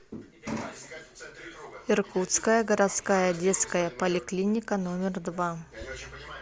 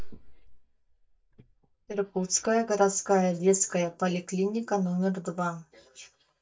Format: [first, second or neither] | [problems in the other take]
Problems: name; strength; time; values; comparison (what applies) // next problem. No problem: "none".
first | noise reduction (neural mask model DeepFilterNet 3)